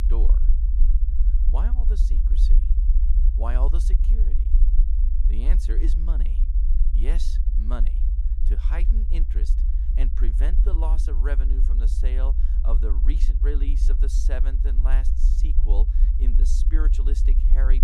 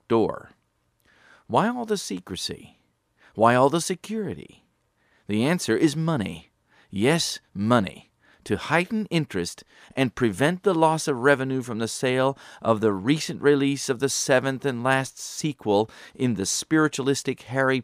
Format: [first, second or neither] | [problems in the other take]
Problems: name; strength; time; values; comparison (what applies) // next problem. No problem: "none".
second | low rumble; loud; throughout; 5 dB below the speech